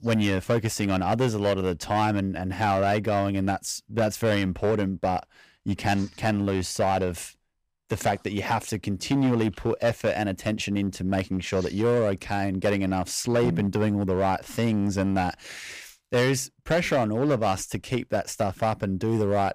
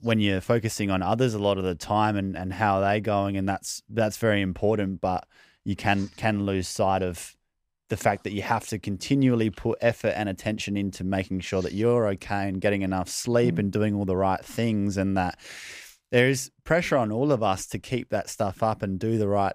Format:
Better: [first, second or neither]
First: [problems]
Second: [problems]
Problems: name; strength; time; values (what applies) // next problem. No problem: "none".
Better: second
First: distortion; slight; 7% of the sound clipped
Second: none